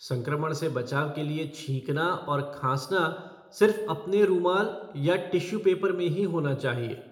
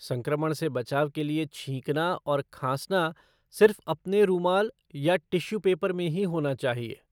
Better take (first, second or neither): second